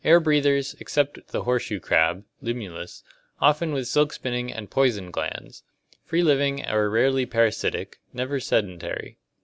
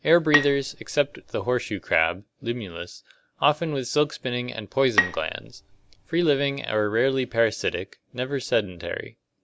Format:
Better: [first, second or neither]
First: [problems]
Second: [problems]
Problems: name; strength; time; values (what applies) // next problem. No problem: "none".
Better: first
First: none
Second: background sound (Bowed string instrument); 5 dB below the speech